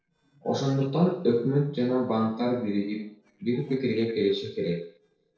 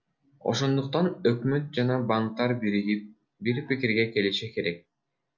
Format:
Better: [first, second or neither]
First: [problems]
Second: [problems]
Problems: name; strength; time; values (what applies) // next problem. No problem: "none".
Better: second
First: noise reduction (neural separator model SepFormer DNS4)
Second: none